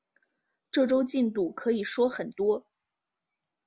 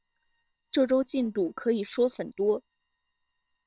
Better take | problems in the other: first | noise reduction (neural separator model SepFormer WHAM!)

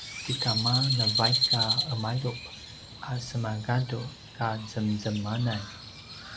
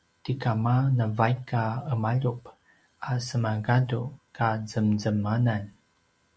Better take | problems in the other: second | background sound (Crow); 2 dB below the speech

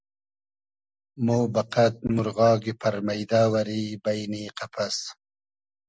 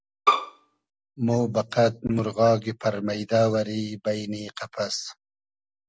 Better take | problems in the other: first | background sound (Bowed string instrument); 1 dB above the speech

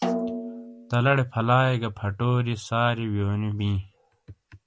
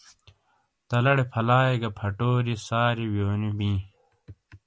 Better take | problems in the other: second | background sound (Snare drum); 8 dB below the speech

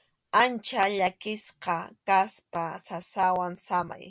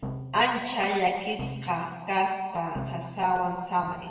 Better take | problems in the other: first | background sound (Drum); 12 dB below the speech // room echo; dies away in 1.2 s

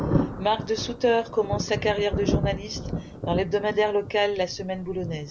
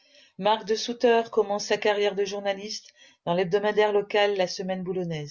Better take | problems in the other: second | background sound (Thunder); 4 dB below the speech

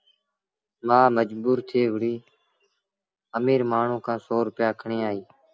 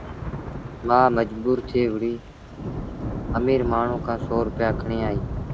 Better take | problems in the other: first | background sound (Thunder / Rain); 6 dB below the speech

